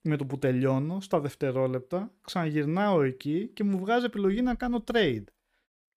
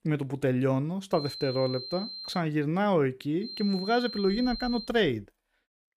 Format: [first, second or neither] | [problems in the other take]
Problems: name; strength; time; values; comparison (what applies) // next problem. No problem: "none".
first | high-pitched whine; loud; from 1 to 2.5 s and from 3.5 to 5 s; 4 kHz, 10 dB below the speech